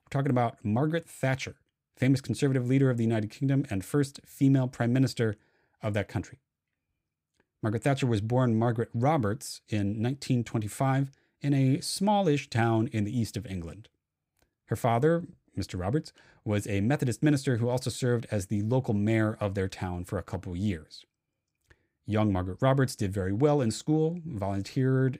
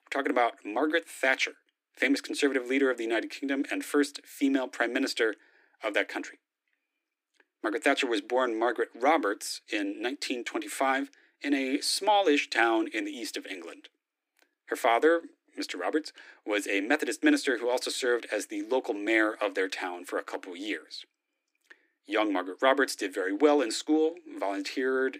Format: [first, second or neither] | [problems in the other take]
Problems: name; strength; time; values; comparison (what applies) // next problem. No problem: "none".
first | thin; somewhat; fading below 300 Hz